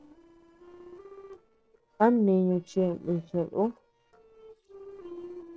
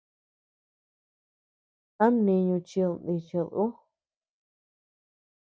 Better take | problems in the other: second | noise reduction (neural separator model SepFormer DNS4)

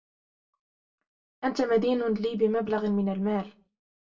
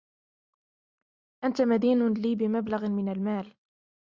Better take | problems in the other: second | room echo; dies away in 0.2 s

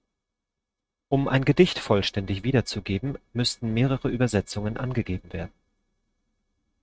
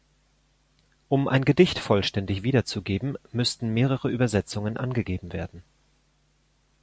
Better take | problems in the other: second | noise reduction (neural mask model RNNoise)

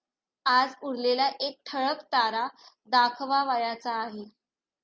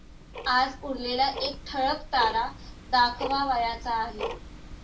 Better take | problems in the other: first | background sound (Tick-tock); 11 dB below the speech // room echo; dies away in 0.2 s

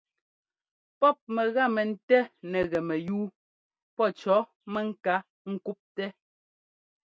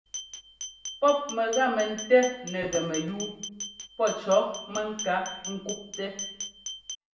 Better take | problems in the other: first | background sound (Glass); 11 dB below the speech // room echo; dies away in 0.8 s

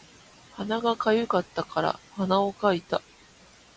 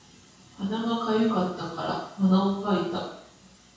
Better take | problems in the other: first | room echo; dies away in 0.6 s

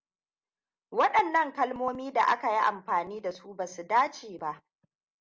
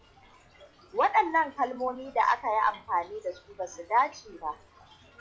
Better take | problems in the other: first | noise reduction (classical method log-MMSE)

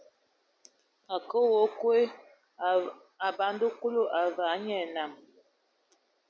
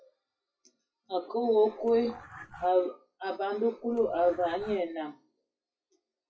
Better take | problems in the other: first | noise reduction (classical method WPE with log-MMSE)

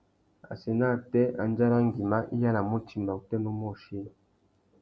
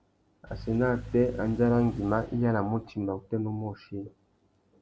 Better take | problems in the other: first | background sound (Engine / Car); 14 dB below the speech

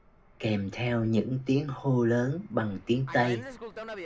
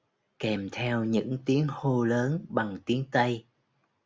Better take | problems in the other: second | background sound (Fixed-wing aircraft, airplane); 16 dB below the speech // room echo; dies away in 0.2 s

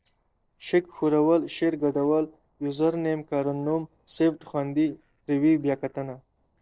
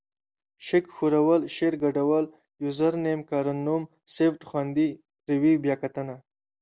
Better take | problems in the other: second | noise reduction (neural separator model SepFormer DNS4)

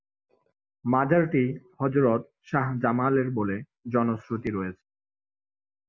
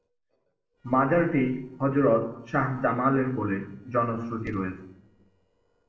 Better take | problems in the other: first | noise reduction (neural separator model SepFormer DNS4)

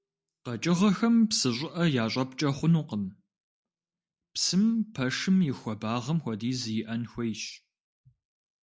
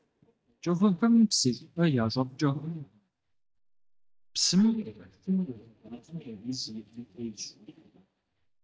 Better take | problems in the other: first | noise reduction (neural mask model DeepFilterNet 3)

